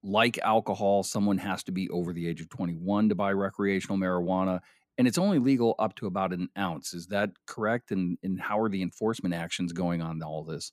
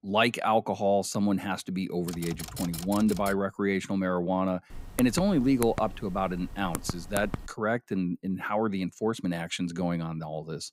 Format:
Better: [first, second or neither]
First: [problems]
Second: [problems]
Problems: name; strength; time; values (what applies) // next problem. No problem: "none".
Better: first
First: none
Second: keyboard typing; noticeable; from 2 to 3.5 s and from 4.5 to 7.5 s; peak 8 dB below the speech